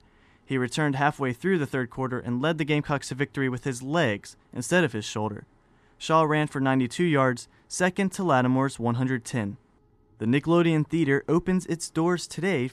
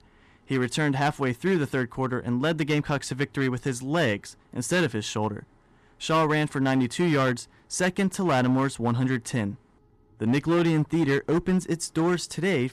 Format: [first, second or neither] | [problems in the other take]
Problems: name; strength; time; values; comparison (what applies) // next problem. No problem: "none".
first | distortion; slight; 7% of the sound clipped